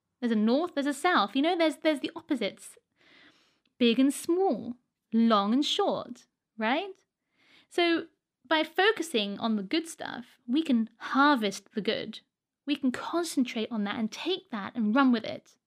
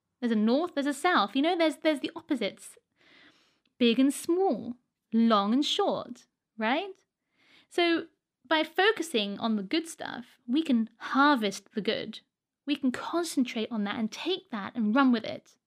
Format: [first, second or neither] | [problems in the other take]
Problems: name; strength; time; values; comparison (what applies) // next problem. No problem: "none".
neither | none